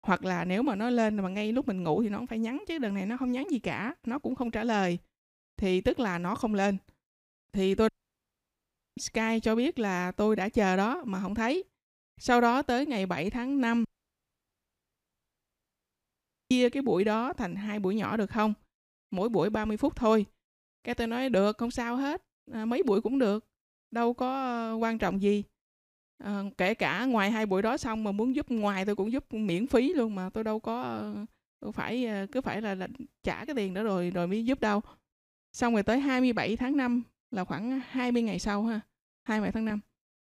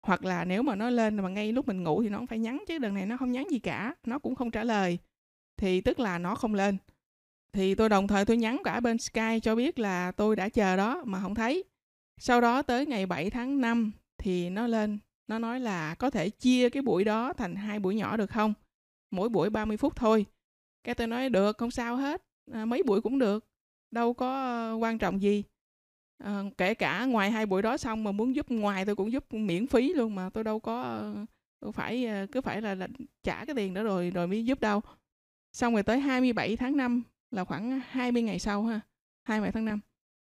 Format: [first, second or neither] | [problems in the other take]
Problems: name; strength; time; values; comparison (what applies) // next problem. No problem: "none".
second | audio cutting out; at 8 s for 1 s and at 14 s for 2.5 s